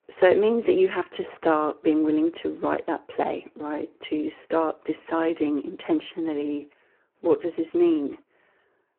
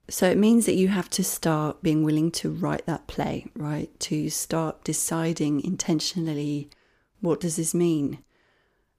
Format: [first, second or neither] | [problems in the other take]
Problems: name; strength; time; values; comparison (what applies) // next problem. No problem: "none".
second | phone-call audio; poor line